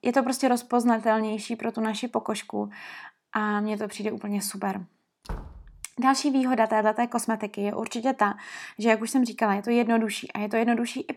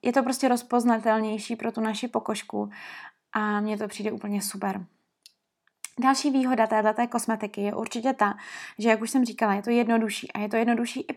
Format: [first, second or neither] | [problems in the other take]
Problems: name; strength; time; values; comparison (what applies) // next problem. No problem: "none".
second | door banging; faint; at 5.5 s; peak 15 dB below the speech